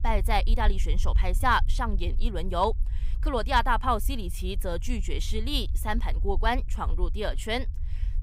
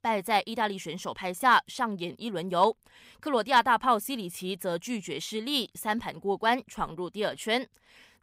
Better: second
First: low rumble; faint; throughout; 25 dB below the speech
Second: none

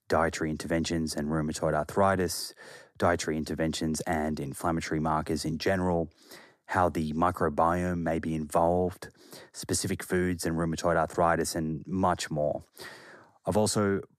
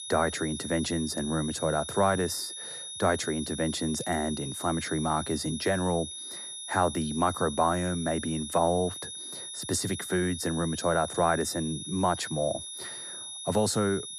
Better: first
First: none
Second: high-pitched whine; loud; throughout; 10 kHz, 8 dB below the speech

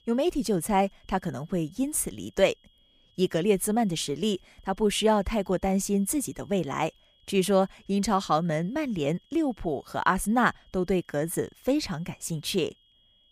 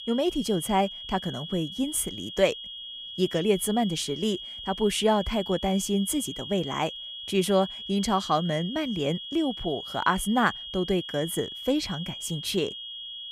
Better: first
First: high-pitched whine; faint; throughout; 3.5 kHz, 35 dB below the speech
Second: high-pitched whine; loud; throughout; 3.5 kHz, 9 dB below the speech

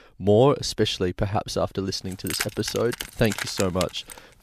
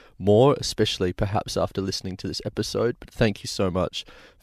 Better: second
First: jangling keys; noticeable; from 2 s on; peak 4 dB below the speech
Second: none

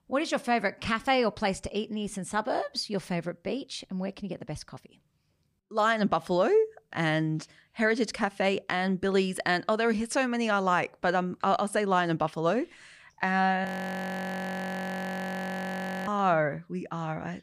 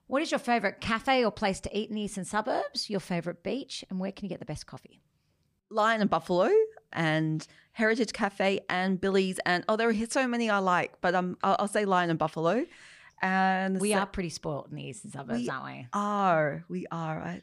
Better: second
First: audio freezing; at 14 s for 2.5 s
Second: none

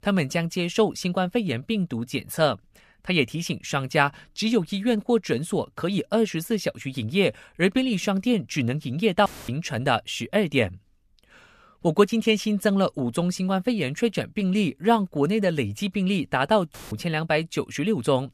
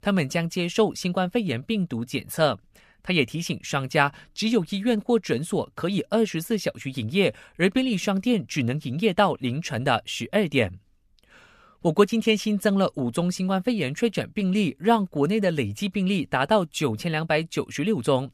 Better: second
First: audio cutting out; filled with static; at 9.5 s and at 17 s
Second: none

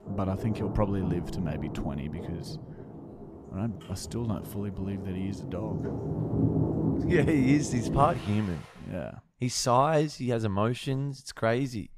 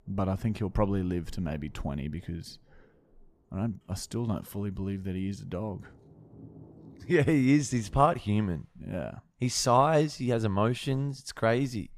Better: second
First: rain or running water; loud; until 8.5 s; 4 dB below the speech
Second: rain or running water; faint; until 8.5 s; 25 dB below the speech

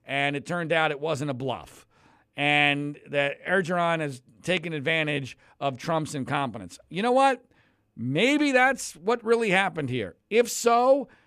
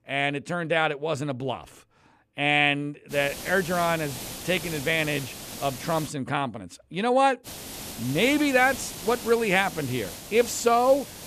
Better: first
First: none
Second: hiss; noticeable; from 3 to 6 s and from 7.5 s on; 10 dB below the speech

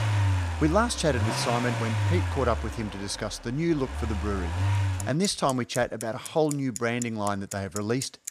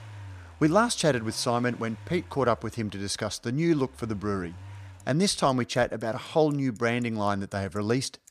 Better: second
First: traffic noise; loud; throughout; 3 dB below the speech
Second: traffic noise; faint; throughout; 20 dB below the speech

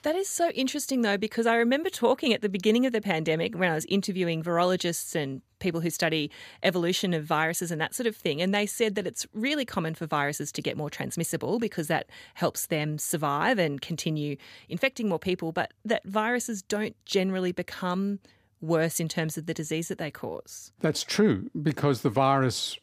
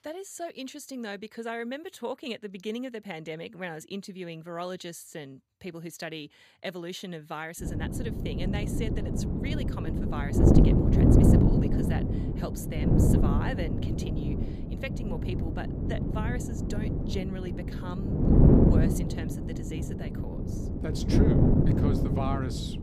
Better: first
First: none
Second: wind noise on the microphone; heavy; from 7.5 s on; 5 dB above the speech

